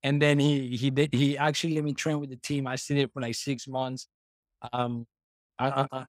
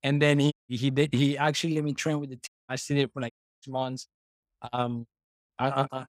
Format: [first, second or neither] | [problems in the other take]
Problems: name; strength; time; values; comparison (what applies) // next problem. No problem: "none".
first | audio cutting out; at 0.5 s, at 2.5 s and at 3.5 s